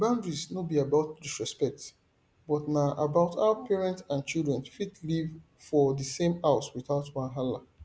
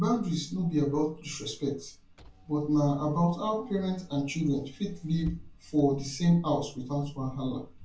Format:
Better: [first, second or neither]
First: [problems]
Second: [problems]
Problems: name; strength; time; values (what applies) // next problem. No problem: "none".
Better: first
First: none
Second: background sound (Engine / Car); 19 dB below the speech // room echo; dies away in 0.2 s